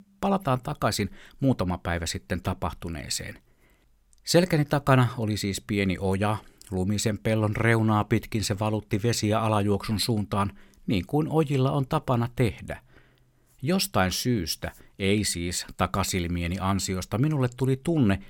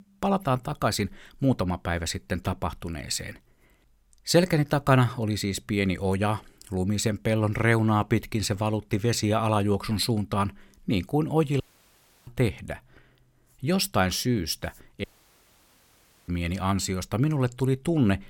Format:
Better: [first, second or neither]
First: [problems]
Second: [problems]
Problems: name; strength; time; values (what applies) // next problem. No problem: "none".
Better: first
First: none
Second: audio cutting out; at 12 s for 0.5 s and at 15 s for 1 s